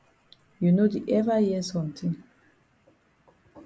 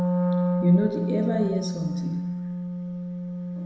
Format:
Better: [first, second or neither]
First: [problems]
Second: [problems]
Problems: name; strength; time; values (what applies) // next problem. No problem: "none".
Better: first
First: none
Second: background sound (Wind instrument, woodwind instrument); 1 dB above the speech // room echo; dies away in 1 s